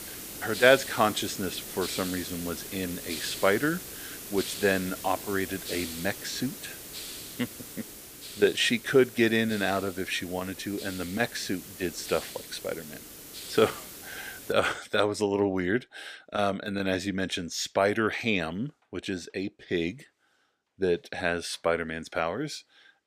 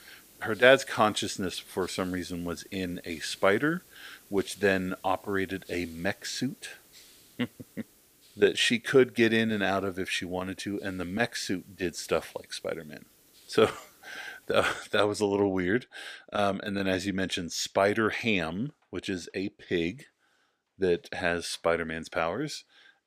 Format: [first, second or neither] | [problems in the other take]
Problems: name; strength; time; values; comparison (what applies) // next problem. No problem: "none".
second | hiss; loud; until 15 s; 10 dB below the speech; faint in the second